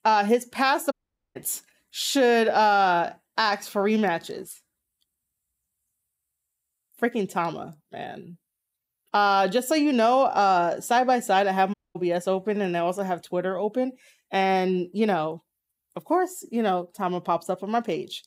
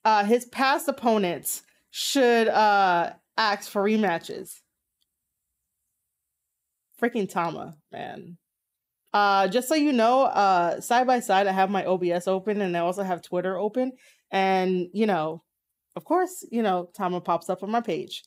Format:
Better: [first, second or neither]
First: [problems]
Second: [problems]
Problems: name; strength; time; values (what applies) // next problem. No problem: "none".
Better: second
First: audio cutting out; at 1 s and at 12 s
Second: none